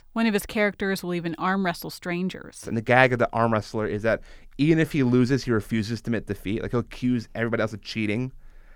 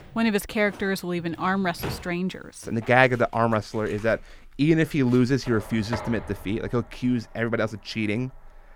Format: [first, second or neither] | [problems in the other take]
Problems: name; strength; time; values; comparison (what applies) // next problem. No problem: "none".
first | household noises; noticeable; throughout; 15 dB below the speech